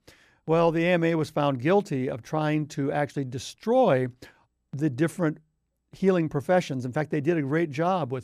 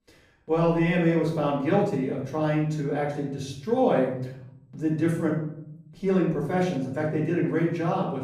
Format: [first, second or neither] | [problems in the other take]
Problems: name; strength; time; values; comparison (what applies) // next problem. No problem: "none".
first | off-mic speech; far // room echo; noticeable; dies away in 0.8 s